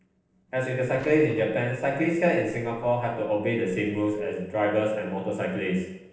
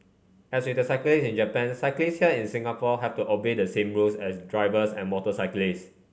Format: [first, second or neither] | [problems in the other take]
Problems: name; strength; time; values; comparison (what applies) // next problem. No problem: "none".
second | noise reduction (neural separator model SepFormer DNS4)